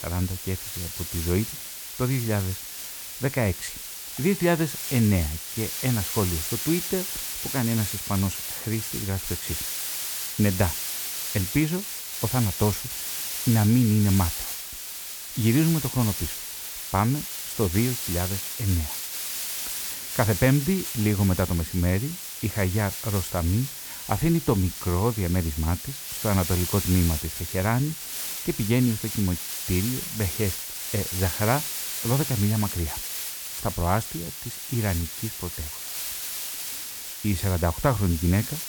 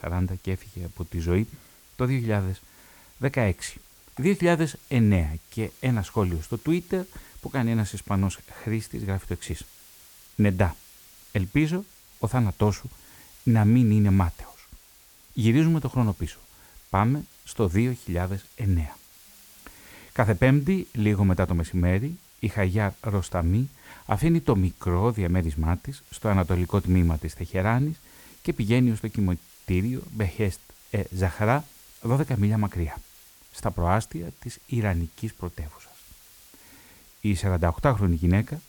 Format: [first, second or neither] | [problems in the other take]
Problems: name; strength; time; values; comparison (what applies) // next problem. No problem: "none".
second | hiss; loud; throughout; 4 dB below the speech; faint in the second